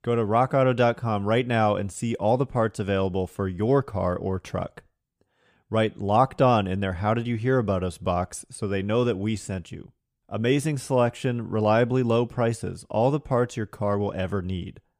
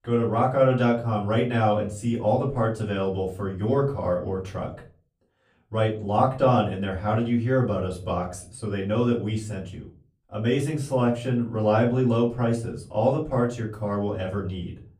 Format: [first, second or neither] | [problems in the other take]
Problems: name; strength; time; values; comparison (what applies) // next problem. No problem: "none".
first | off-mic speech; far // room echo; very slight; dies away in 0.3 s